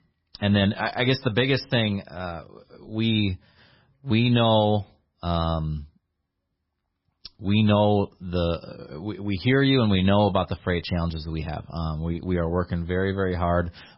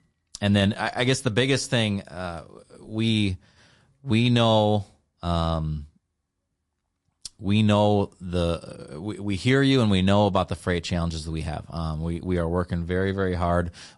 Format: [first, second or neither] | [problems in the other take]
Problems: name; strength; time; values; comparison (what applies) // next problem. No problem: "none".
second | garbled, watery; badly; nothing above 5.5 kHz; slightly in the second